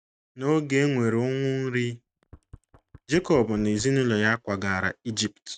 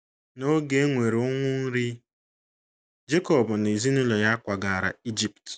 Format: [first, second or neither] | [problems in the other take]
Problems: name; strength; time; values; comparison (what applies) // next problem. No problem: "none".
second | noise reduction (neural mask model RNNoise)